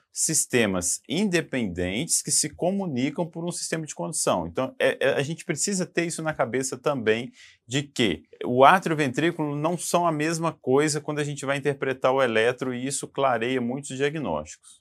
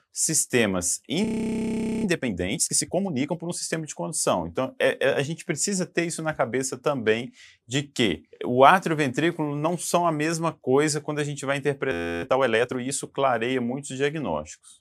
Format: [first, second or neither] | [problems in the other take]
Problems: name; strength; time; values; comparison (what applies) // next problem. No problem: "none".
first | audio freezing; at 1 s for 1 s and at 12 s